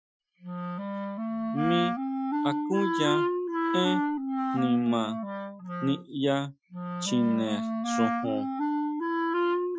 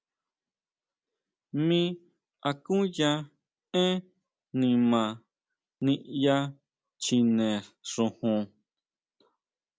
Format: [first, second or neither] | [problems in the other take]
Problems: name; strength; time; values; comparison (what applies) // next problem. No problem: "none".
second | noise reduction (classical method Wiener filter)